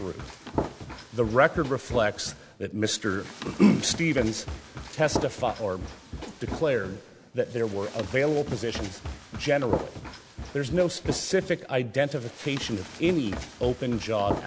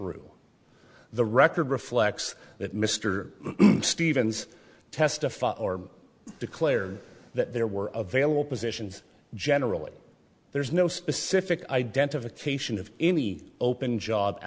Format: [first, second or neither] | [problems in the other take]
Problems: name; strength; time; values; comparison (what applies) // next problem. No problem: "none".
second | background sound (Run); 10 dB below the speech